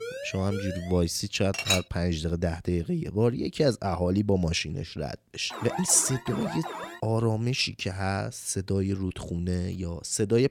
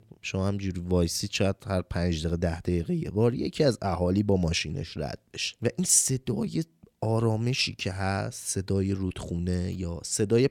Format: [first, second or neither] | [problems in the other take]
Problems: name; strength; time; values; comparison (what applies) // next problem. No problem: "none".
second | siren; noticeable; at the start; peak 9 dB below the speech // clattering dishes; loud; at 1.5 s; peak 2 dB above the speech // alarm; noticeable; from 5.5 to 7 s; peak 8 dB below the speech